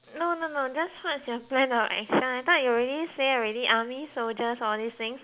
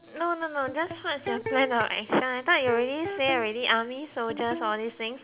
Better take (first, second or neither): first